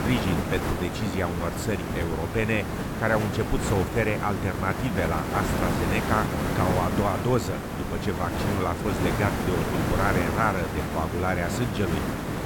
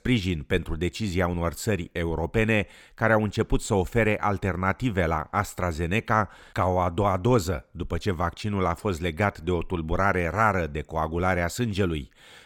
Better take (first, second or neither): second